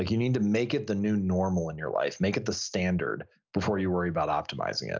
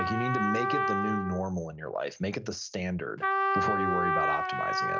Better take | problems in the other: first | background sound (Trumpet); 2 dB above the speech

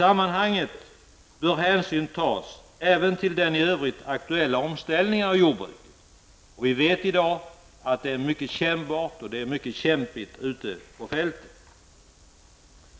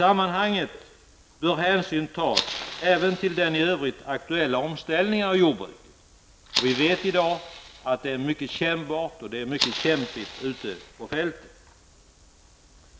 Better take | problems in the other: first | background sound (Fire); 8 dB below the speech

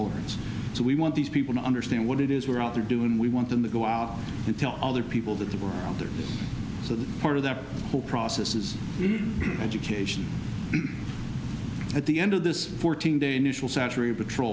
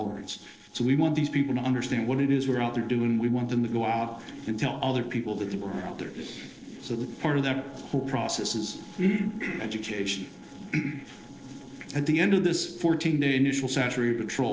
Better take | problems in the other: first | noise reduction (neural separator model SepFormer DNS4)

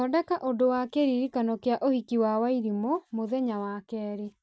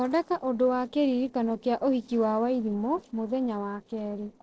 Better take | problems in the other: first | noise reduction (neural separator model SepFormer DNS4)

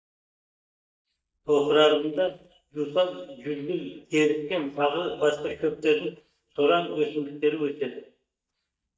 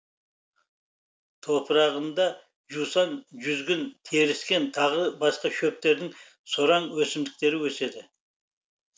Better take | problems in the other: second | noise reduction (neural mask model DeepFilterNet 3)

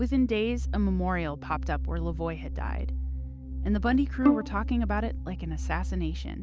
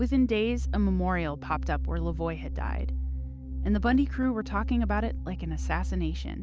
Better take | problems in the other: second | background sound (Bowed string instrument); 2 dB below the speech

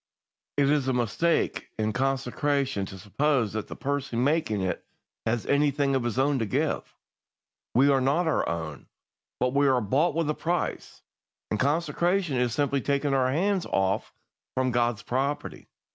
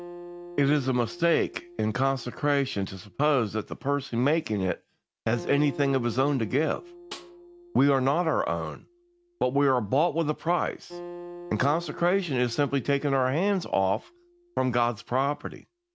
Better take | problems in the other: first | background sound (Acoustic guitar + Snare drum); 18 dB below the speech

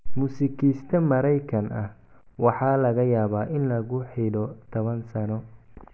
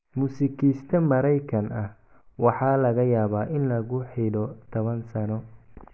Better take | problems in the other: first | noise reduction (neural mask model Resemble Enhance denoiser)

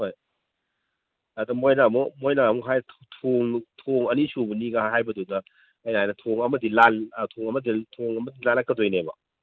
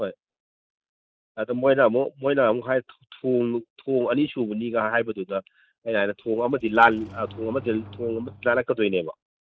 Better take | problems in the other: first | noise reduction (neural mask model DeepFilterNet 3)

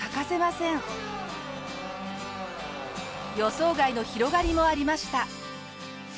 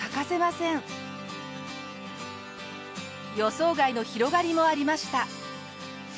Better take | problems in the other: second | background sound (Squeak); 10 dB below the speech

